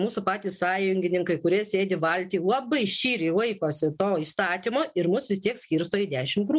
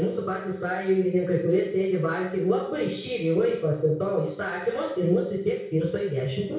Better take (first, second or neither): first